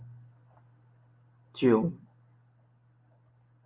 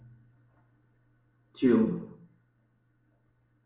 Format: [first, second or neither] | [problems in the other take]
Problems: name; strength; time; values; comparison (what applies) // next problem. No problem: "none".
first | room echo; dies away in 0.8 s